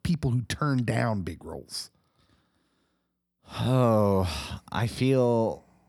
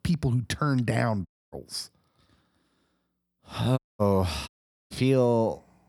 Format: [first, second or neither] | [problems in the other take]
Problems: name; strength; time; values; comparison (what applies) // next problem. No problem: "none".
first | audio cutting out; at 1.5 s, at 4 s and at 4.5 s